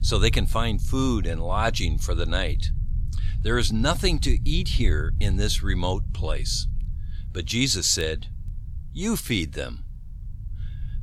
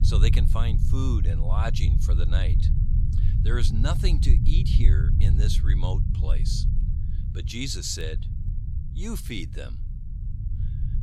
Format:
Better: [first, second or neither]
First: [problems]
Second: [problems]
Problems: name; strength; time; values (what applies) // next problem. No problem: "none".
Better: first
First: low rumble; faint; throughout; 20 dB below the speech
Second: low rumble; loud; throughout; 6 dB below the speech